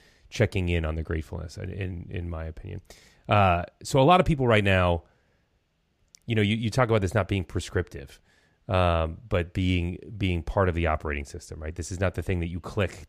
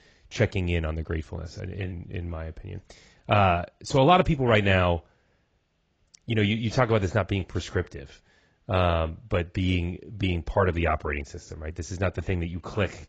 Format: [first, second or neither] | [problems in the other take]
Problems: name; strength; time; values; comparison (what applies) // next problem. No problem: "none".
first | garbled, watery; badly; nothing above 8 kHz